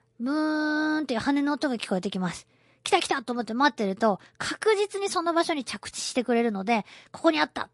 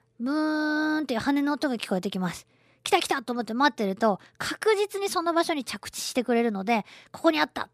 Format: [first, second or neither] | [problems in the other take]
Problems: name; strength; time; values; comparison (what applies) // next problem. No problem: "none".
second | garbled, watery; slightly; nothing above 11 kHz